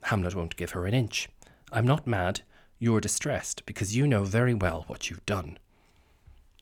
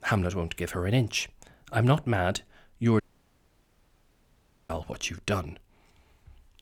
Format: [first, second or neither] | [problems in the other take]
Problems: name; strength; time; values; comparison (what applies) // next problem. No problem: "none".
first | audio cutting out; at 3 s for 1.5 s